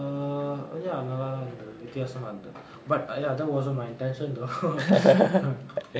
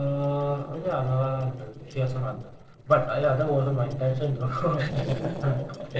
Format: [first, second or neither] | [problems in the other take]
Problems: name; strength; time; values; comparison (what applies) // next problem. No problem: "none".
first | noise reduction (neural separator model SepFormer DNS4)